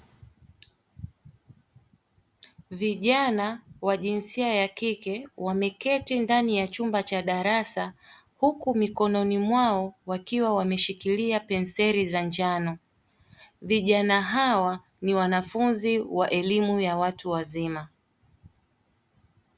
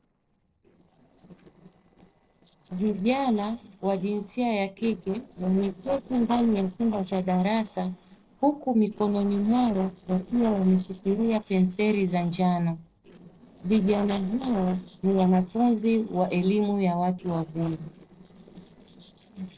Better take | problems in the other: first | noise reduction (neural separator model SepFormer DNS4)

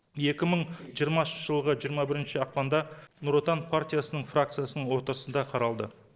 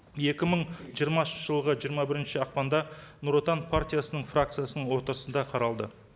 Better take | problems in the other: second | noise reduction (neural separator model SepFormer DNS4)

